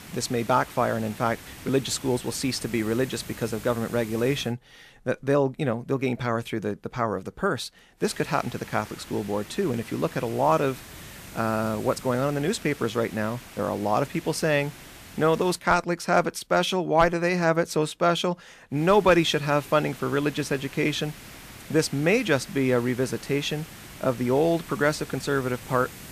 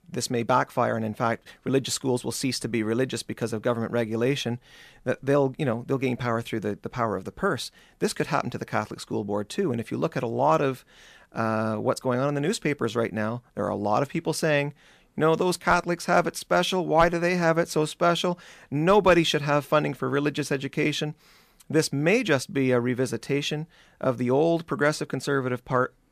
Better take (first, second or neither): second